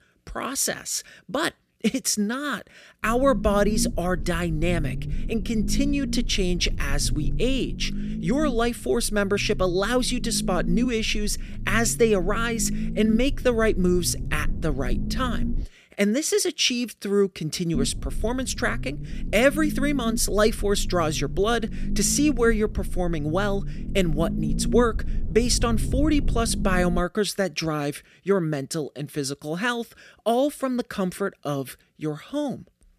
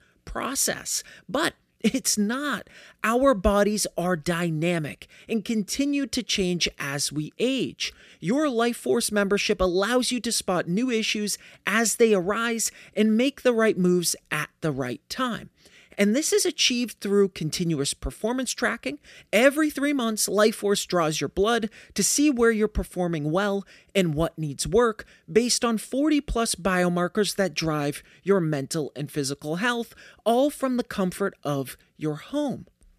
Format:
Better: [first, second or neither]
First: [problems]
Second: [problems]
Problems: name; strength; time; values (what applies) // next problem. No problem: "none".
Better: second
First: low rumble; noticeable; from 3 to 16 s and from 18 to 27 s; 15 dB below the speech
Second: none